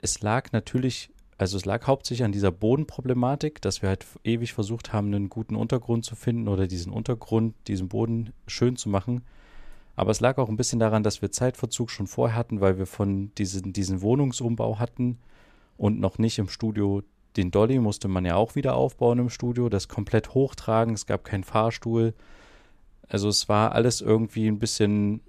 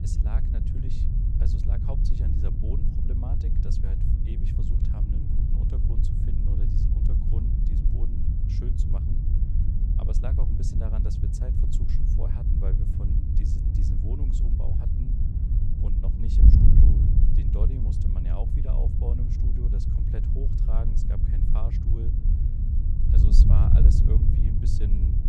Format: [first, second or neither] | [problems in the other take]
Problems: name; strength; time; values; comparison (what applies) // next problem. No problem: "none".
first | wind noise on the microphone; heavy; 4 dB above the speech